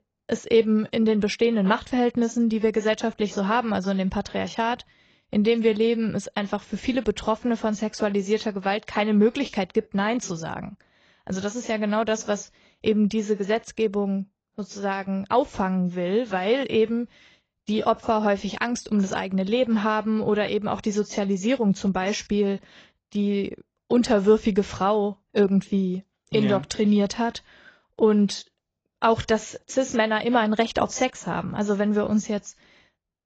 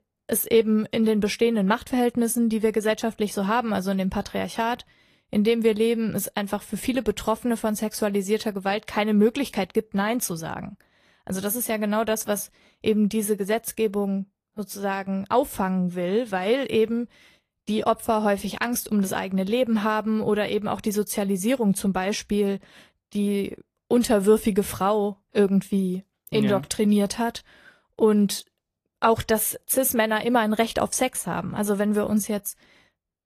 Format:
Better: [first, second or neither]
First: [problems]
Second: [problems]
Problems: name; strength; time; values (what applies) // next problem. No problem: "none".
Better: second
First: garbled, watery; badly; nothing above 7.5 kHz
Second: garbled, watery; slightly; nothing above 14.5 kHz